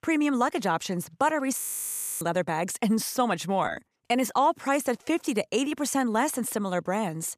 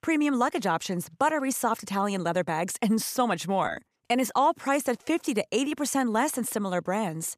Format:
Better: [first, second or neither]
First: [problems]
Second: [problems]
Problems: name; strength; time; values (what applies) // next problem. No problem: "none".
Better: second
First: audio freezing; at 1.5 s for 0.5 s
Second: none